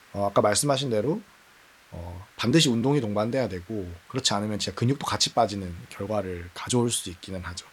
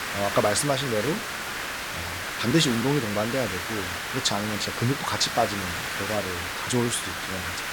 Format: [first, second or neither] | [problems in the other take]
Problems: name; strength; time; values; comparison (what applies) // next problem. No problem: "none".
first | hiss; loud; throughout; 3 dB below the speech; faint in the first